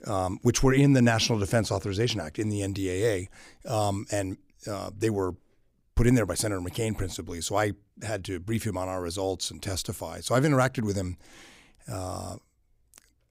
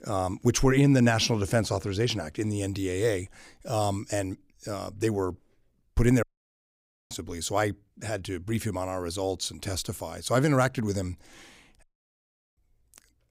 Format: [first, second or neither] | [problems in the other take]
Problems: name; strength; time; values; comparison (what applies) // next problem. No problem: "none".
first | audio cutting out; at 6 s for 1 s and at 12 s for 0.5 s